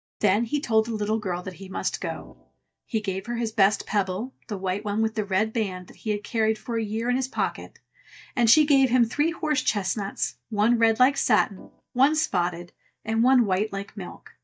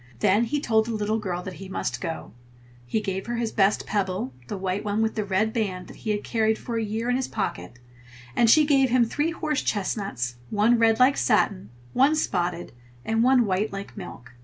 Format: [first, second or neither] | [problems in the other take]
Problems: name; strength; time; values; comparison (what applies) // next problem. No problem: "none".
second | noise reduction (neural mask model DeepFilterNet 3)